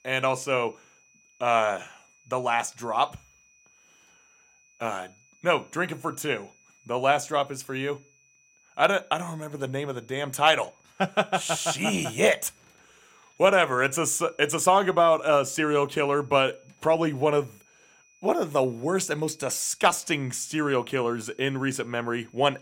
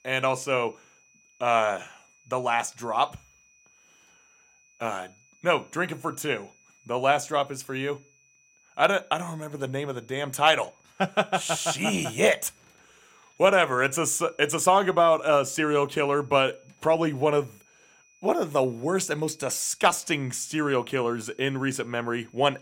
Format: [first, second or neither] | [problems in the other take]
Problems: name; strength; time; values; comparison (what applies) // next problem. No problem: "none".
neither | high-pitched whine; faint; throughout; 2.5 kHz, 35 dB below the speech; the same in both